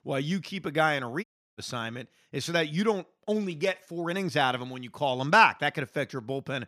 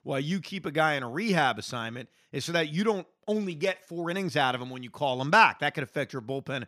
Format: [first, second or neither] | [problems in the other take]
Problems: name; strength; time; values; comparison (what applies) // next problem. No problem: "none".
second | audio cutting out; at 1 s